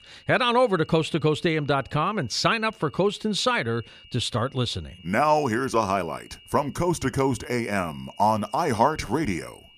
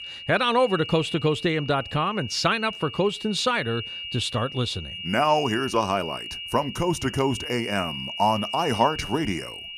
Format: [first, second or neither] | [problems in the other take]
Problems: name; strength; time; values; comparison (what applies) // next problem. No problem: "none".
first | high-pitched whine; loud; throughout; 3 kHz, 9 dB below the speech; faint in the first